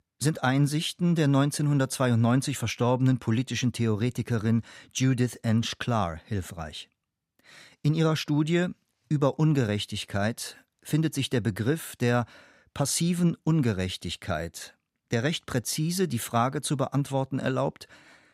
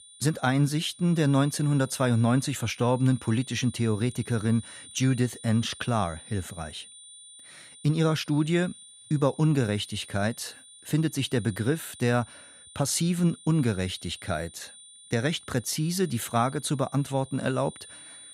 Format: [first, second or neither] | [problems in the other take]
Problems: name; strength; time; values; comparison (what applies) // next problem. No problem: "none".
first | high-pitched whine; noticeable; throughout; 9 kHz, 20 dB below the speech